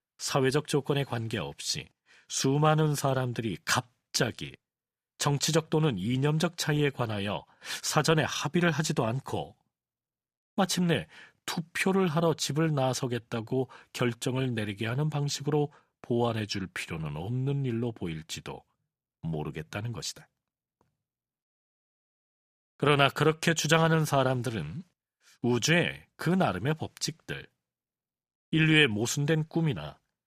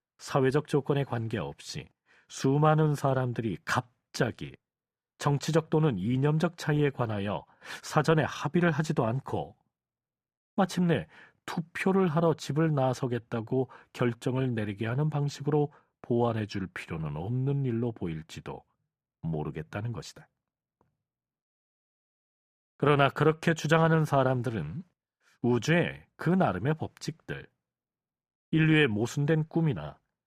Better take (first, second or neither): first